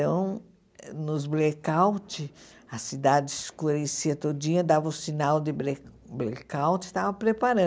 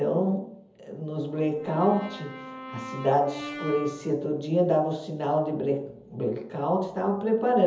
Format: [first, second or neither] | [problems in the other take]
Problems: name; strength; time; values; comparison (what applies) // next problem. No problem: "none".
first | background sound (Brass instrument); 12 dB below the speech // room echo; dies away in 0.7 s